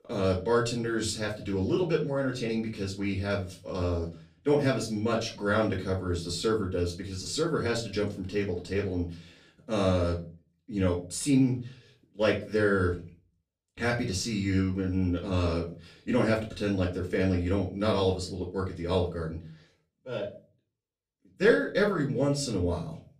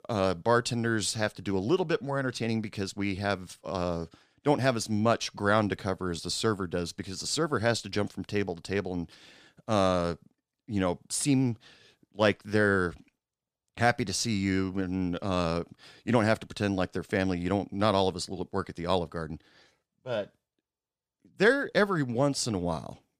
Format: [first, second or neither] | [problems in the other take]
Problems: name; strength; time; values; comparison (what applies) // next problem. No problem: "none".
second | off-mic speech; far // room echo; slight; dies away in 0.3 s